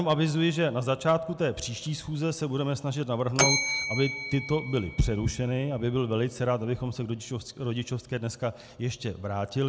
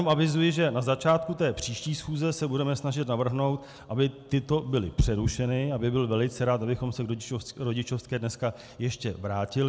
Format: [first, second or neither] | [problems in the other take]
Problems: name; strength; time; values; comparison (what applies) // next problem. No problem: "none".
second | background sound (Bell); 9 dB below the speech